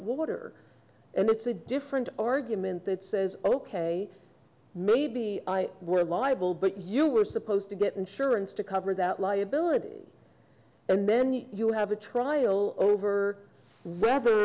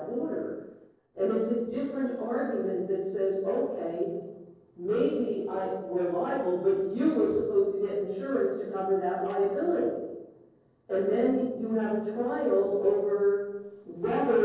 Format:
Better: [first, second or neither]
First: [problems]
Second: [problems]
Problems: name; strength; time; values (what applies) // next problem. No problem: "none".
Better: first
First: none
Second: noise reduction (neural separator model SepFormer DNS4)